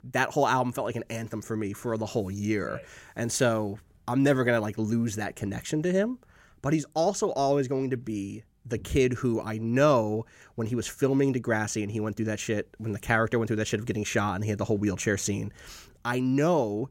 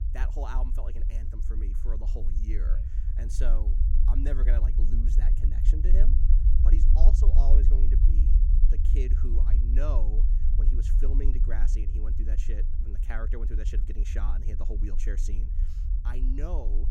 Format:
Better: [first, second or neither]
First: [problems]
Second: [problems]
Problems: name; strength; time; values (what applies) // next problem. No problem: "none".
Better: first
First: none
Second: low rumble; loud; throughout; 4 dB below the speech